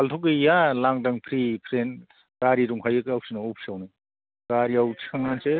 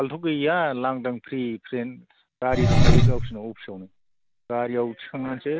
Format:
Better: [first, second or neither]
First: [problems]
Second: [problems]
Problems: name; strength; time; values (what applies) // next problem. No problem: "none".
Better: first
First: none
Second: background sound (Engine); 3 dB above the speech